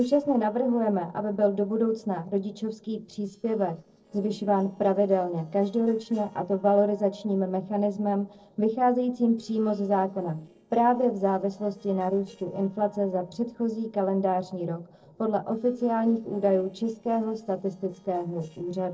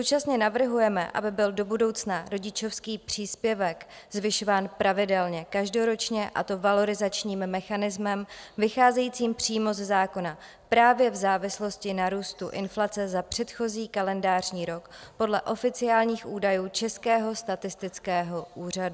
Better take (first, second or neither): second